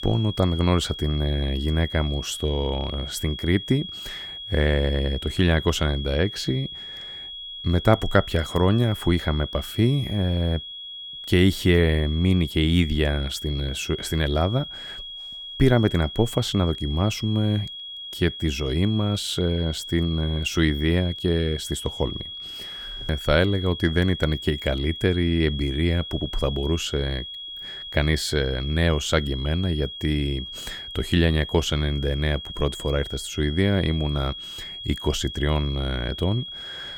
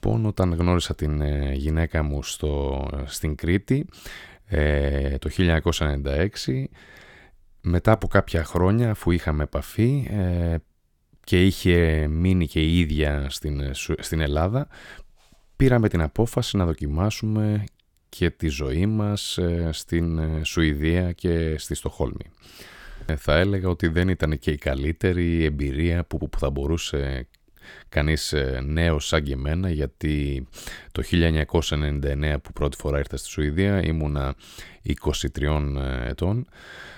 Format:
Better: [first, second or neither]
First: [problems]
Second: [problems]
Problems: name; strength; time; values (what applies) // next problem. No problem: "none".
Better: second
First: high-pitched whine; loud; throughout; 3.5 kHz, 10 dB below the speech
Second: none